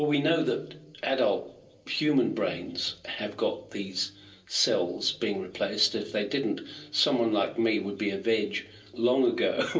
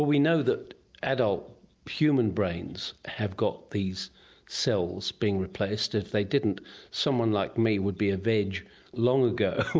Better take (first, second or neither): second